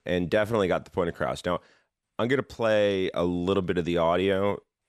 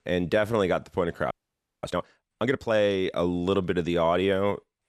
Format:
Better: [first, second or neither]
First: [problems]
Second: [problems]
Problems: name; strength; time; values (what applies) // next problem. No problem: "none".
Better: first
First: none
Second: audio freezing; at 1.5 s for 0.5 s